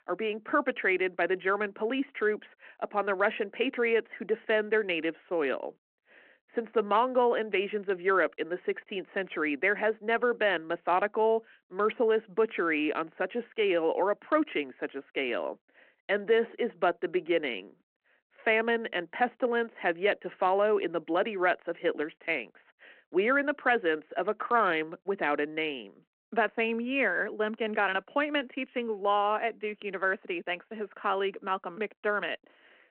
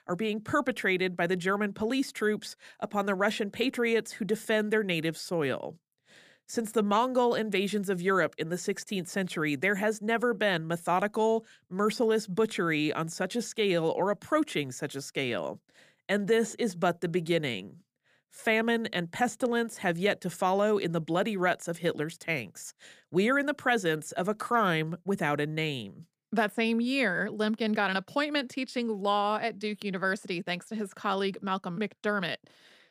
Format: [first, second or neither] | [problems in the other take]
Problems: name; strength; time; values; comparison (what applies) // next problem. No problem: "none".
second | phone-call audio